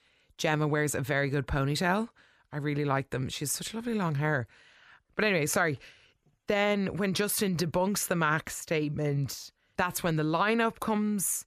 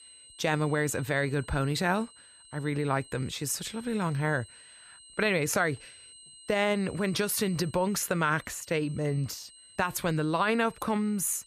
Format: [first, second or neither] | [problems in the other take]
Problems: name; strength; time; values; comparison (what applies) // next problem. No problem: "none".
first | high-pitched whine; faint; throughout; 8.5 kHz, 20 dB below the speech